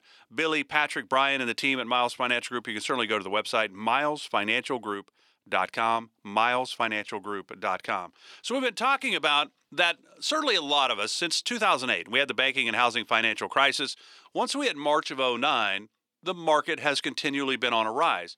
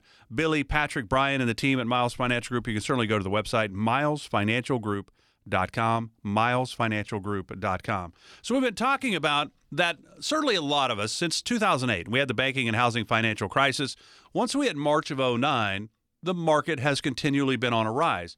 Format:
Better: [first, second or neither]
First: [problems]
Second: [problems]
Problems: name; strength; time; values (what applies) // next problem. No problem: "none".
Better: second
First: thin; somewhat; fading below 300 Hz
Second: none